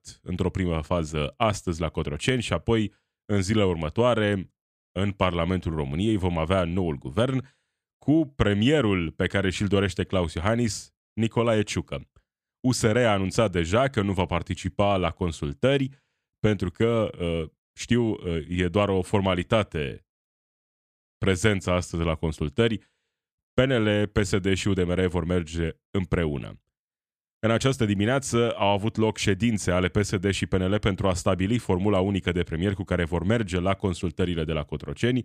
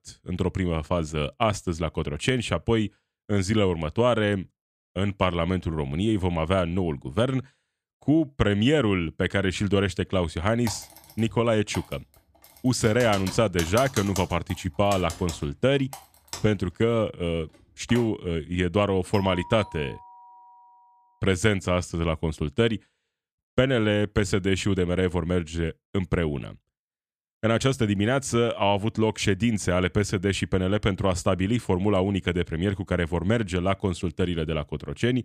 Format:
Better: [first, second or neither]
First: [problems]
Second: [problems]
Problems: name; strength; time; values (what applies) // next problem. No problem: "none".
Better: first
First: none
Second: keyboard typing; noticeable; from 11 to 18 s; peak 8 dB below the speech // doorbell; faint; from 19 to 21 s; peak 15 dB below the speech